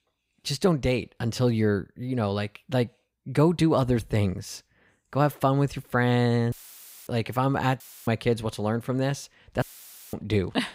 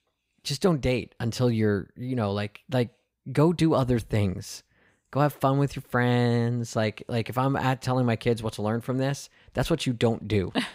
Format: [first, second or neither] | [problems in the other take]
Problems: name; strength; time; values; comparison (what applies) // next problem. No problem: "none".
second | audio cutting out; filled with static; at 6.5 s for 0.5 s, at 8 s and at 9.5 s for 0.5 s